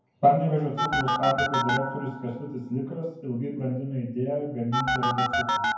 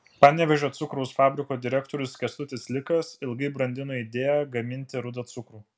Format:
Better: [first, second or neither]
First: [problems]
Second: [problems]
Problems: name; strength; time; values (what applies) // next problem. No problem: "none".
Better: second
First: background sound (Telephone); 2 dB below the speech // room echo; dies away in 0.9 s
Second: none